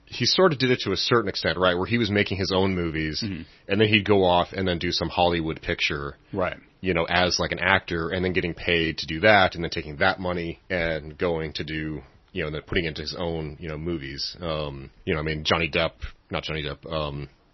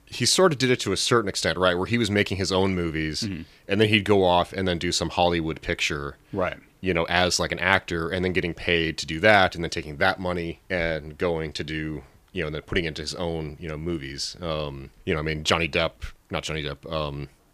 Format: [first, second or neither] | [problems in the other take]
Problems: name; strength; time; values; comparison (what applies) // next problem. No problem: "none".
second | garbled, watery; slightly; nothing above 6 kHz